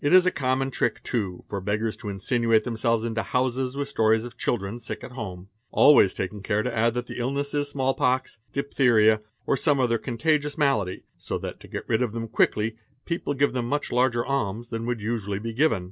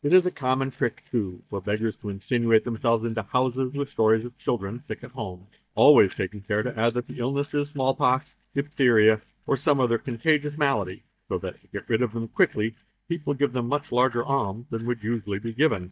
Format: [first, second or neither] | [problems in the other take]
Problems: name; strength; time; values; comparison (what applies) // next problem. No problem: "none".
first | noise reduction (neural mask model DeepFilterNet 3)